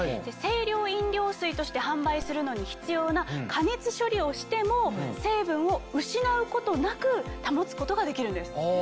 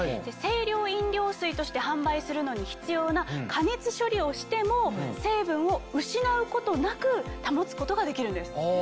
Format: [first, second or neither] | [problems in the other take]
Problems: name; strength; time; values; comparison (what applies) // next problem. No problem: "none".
second | background sound (Crack); 19 dB below the speech